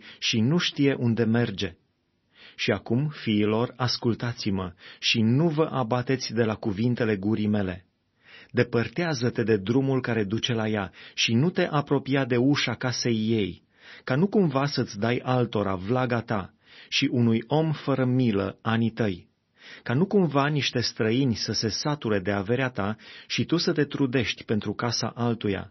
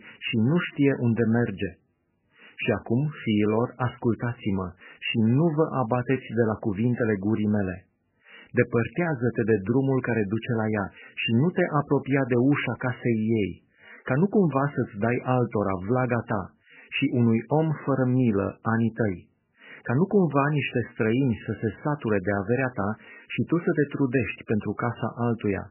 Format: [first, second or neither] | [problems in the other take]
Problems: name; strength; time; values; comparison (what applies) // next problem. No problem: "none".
first | garbled, watery; badly; nothing above 3 kHz; slightly in the first